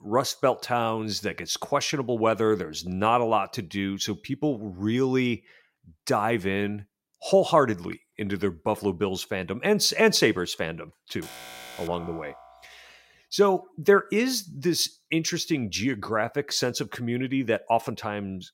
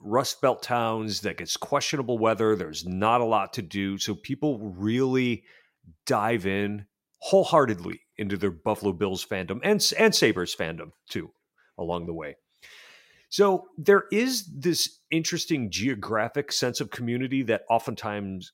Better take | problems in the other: second | alarm; faint; from 11 to 13 s; peak 15 dB below the speech

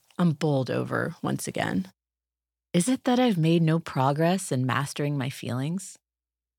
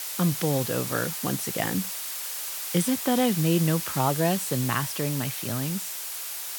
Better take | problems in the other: first | hiss; loud; throughout; 3 dB below the speech

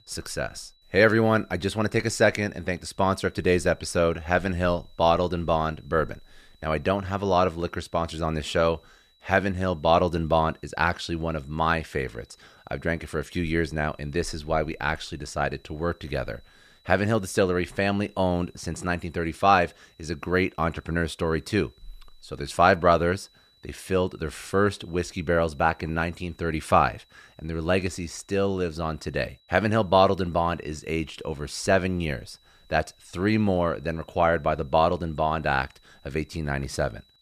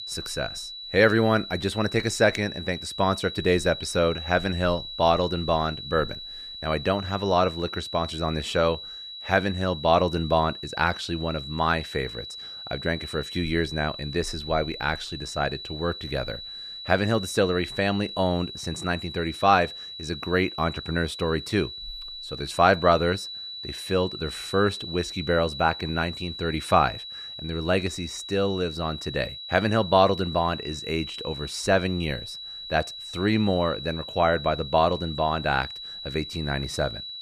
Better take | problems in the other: first | high-pitched whine; loud; throughout; 4 kHz, 10 dB below the speech; faint in the first

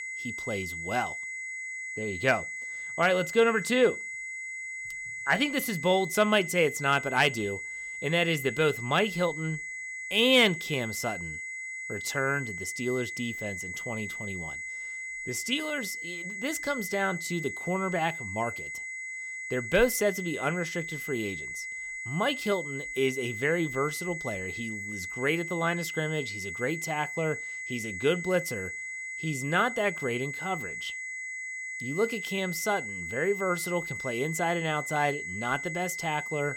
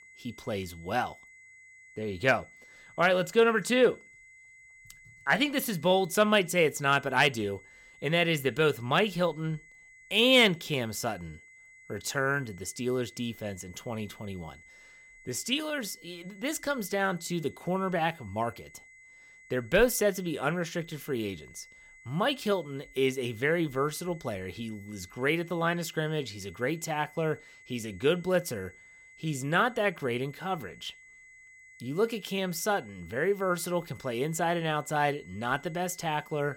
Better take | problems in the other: second | high-pitched whine; loud; throughout; 2 kHz, 6 dB below the speech; faint in the second

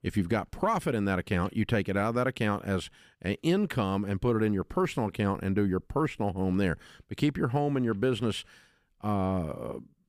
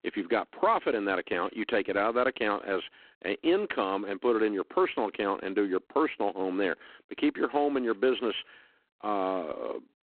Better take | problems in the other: first | phone-call audio; poor line

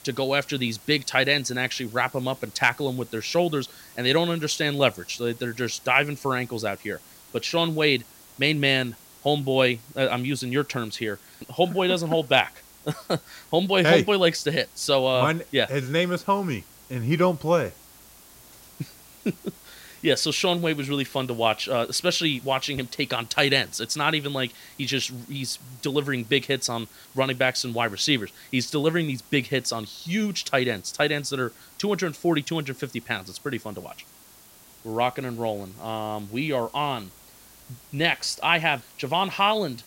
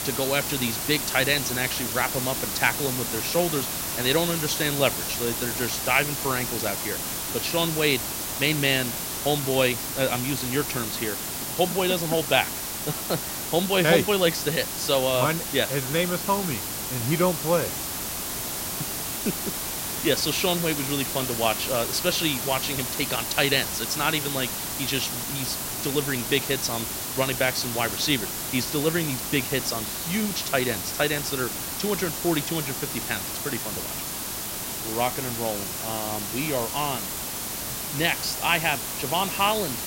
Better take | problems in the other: first | hiss; loud; throughout; 2 dB below the speech; faint in the first

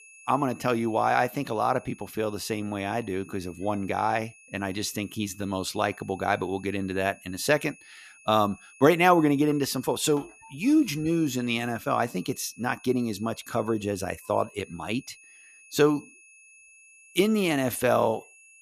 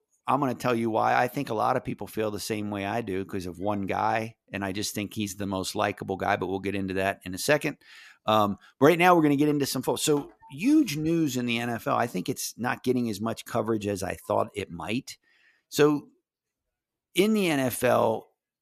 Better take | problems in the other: second | high-pitched whine; faint; throughout; 2.5 kHz, 25 dB below the speech

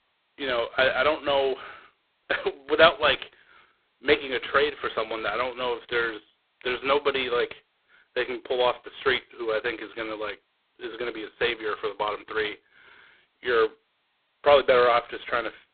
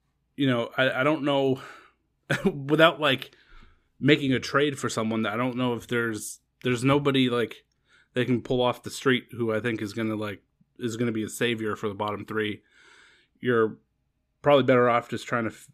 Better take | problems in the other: second | phone-call audio; poor line; nothing above 4 kHz

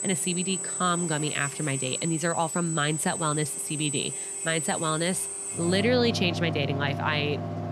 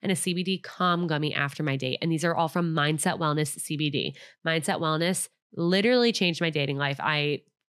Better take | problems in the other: second | machinery noise; loud; throughout; 3 dB below the speech

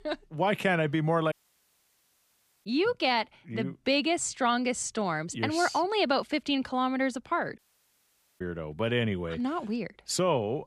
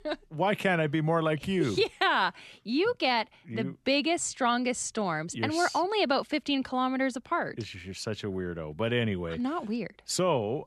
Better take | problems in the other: second | audio cutting out; at 1.5 s for 1.5 s and at 7.5 s for 1 s

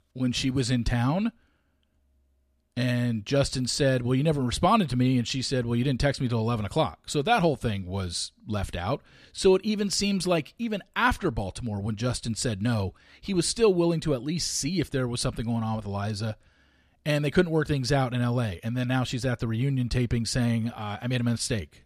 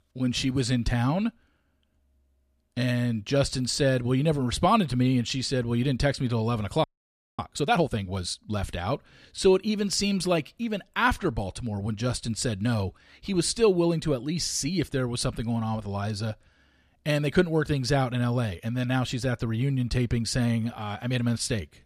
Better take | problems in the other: first | audio freezing; at 7 s for 0.5 s

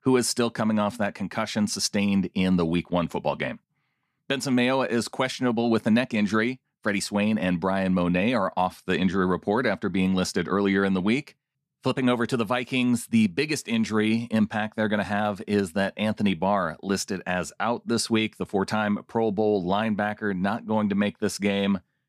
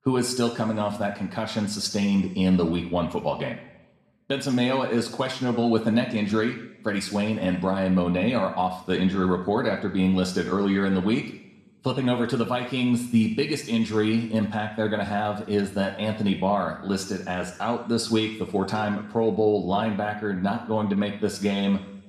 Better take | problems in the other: first | room echo; slight; dies away in 0.7 s

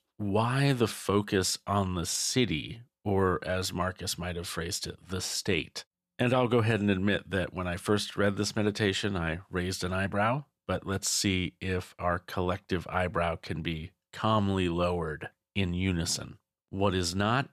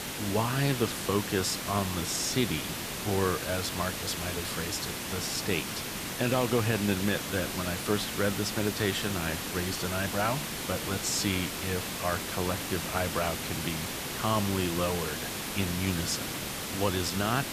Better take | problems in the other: first | hiss; loud; throughout; 2 dB below the speech

